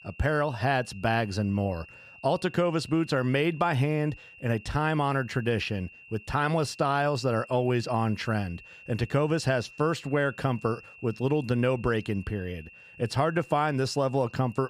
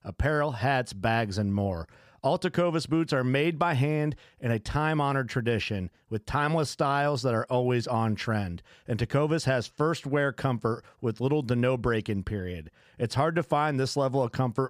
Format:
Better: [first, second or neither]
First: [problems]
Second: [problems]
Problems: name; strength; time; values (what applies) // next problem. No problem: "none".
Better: second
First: high-pitched whine; faint; throughout; 2.5 kHz, 20 dB below the speech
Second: none